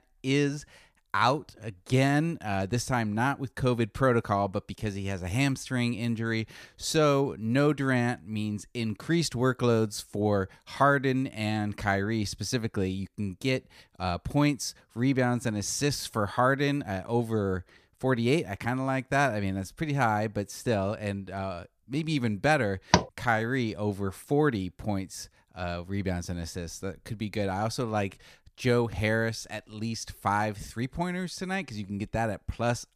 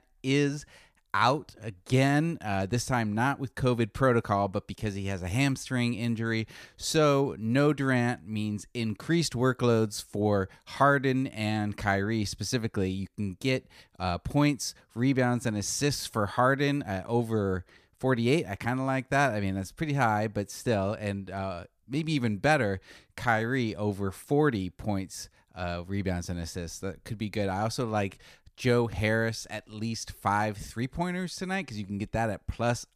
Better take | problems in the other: second | door banging; loud; at 23 s; peak 3 dB above the speech

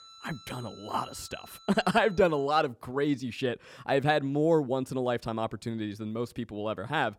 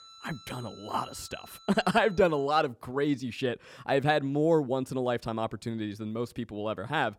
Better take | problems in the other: neither | background music; faint; until 4.5 s; 20 dB below the speech; the same in both

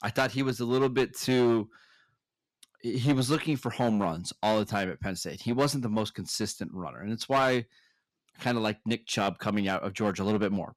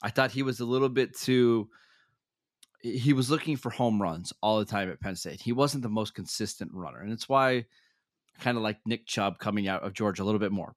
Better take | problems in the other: second | distortion; slight; 5% of the sound clipped

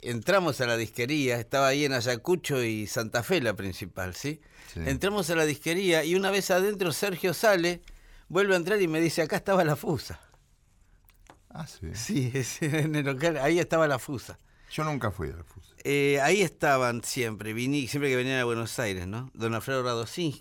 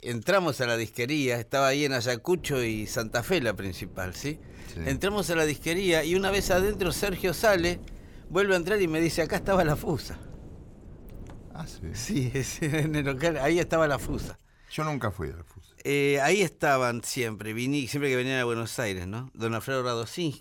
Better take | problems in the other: first | wind noise on the microphone; occasional gusts; from 2.5 to 14 s; 25 dB below the speech

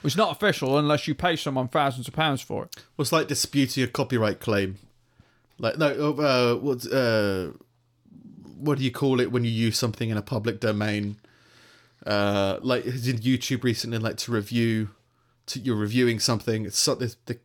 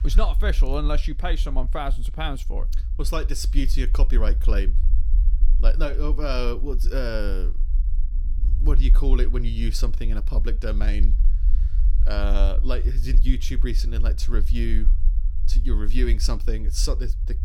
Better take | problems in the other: first | low rumble; noticeable; throughout; 15 dB below the speech

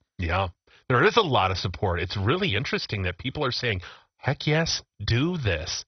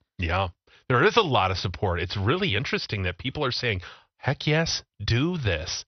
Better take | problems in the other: second | garbled, watery; badly; nothing above 6 kHz; slightly in the second

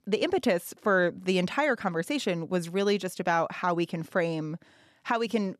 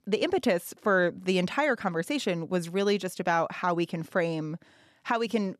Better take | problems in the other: neither | none

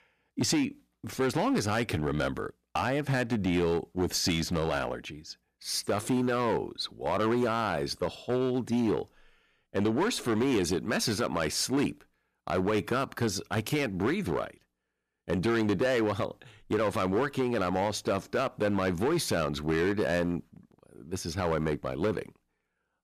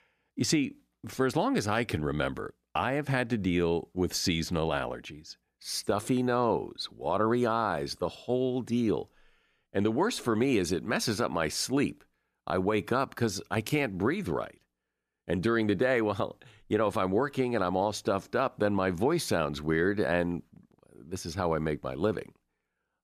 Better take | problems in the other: second | distortion; slight; 8% of the sound clipped

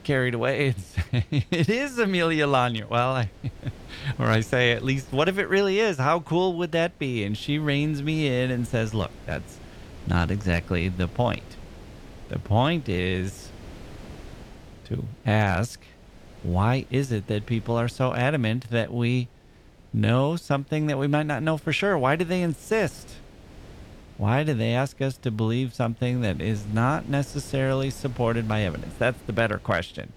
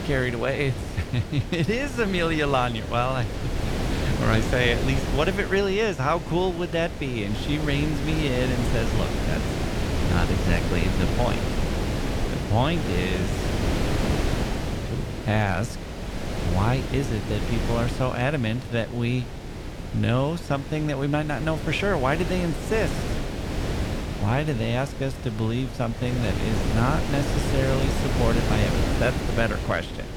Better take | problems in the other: first | wind noise on the microphone; heavy; 5 dB below the speech; occasional gusts in the first

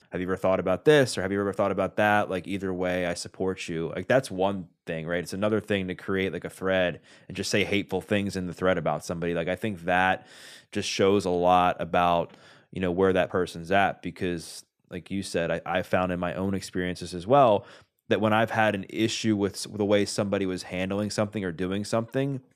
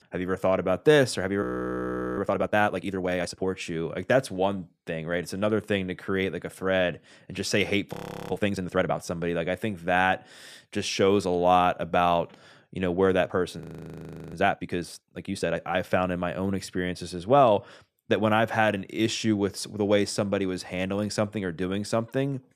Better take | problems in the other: first | audio freezing; at 1.5 s for 1 s, at 8 s and at 14 s for 0.5 s

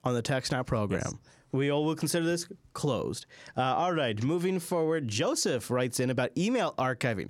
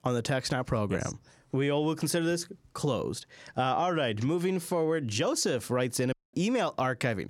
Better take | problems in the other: first | audio cutting out; at 6 s

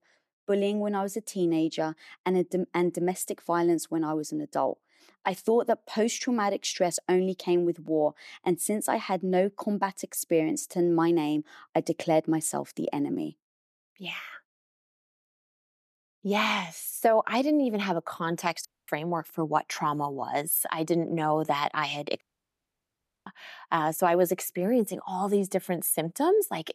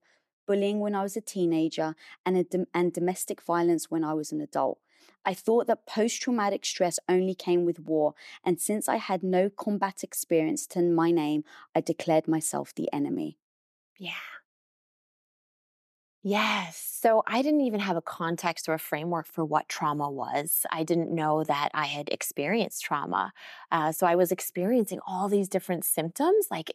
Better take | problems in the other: second | audio cutting out; at 19 s and at 22 s for 1 s

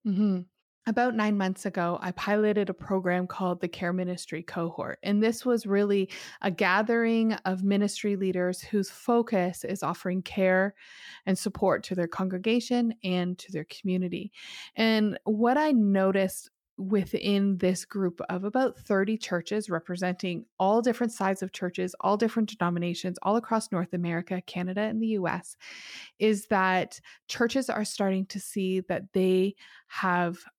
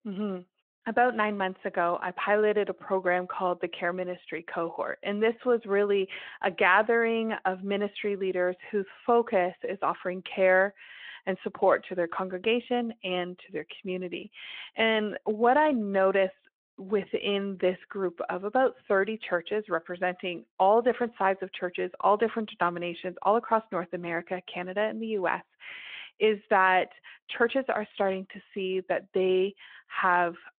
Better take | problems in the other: first | phone-call audio

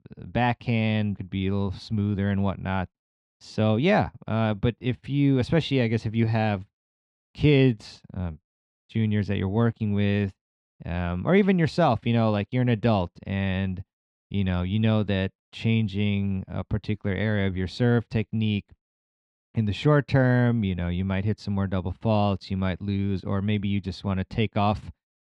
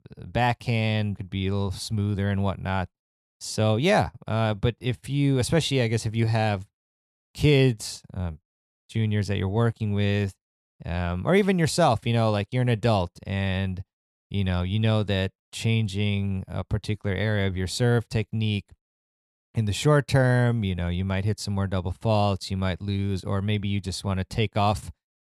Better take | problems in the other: second | muffled; very slightly; fading above 3 kHz

